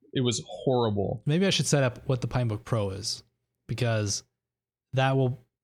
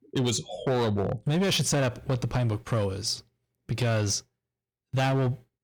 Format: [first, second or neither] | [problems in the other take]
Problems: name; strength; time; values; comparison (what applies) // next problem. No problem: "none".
first | distortion; slight; 12% of the sound clipped